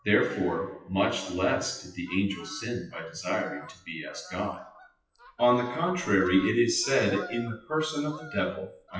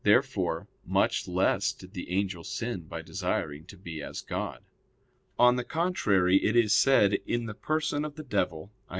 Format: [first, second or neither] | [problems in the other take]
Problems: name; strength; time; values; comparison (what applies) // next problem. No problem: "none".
second | noise reduction (classical method WPE with log-MMSE)